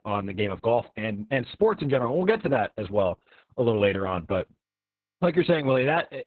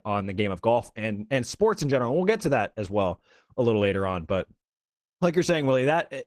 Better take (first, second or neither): second